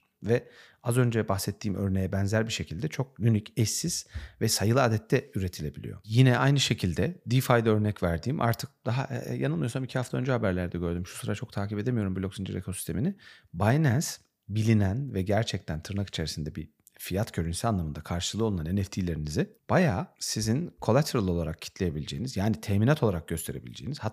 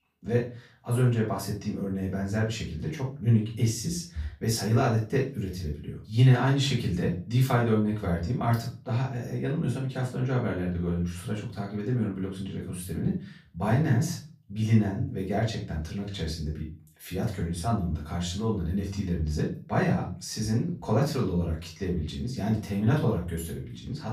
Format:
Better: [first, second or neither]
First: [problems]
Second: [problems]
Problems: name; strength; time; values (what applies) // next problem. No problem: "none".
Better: first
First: none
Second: off-mic speech; far // room echo; slight; dies away in 0.3 s